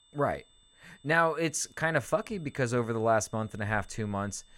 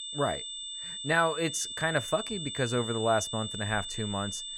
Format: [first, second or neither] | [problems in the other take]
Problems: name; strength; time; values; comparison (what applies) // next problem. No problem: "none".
first | high-pitched whine; loud; throughout; 3.5 kHz, 6 dB below the speech; faint in the first